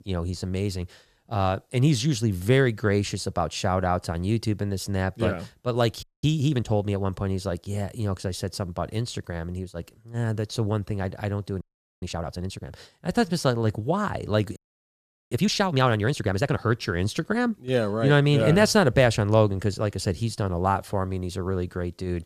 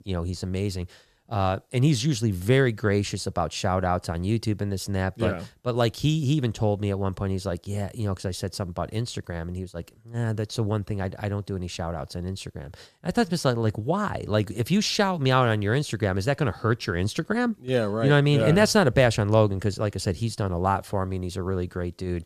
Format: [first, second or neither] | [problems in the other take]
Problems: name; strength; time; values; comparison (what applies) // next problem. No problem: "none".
second | audio freezing; at 6 s, at 12 s and at 15 s for 1 s